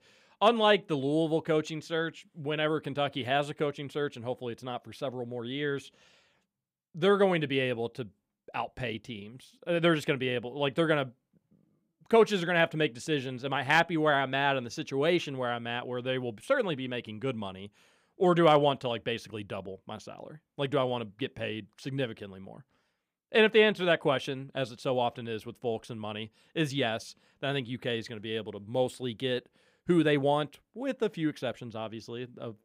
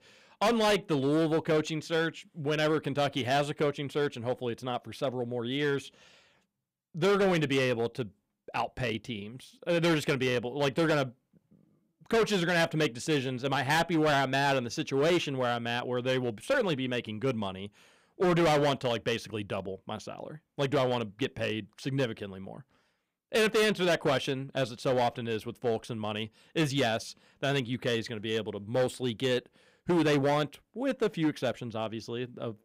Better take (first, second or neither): first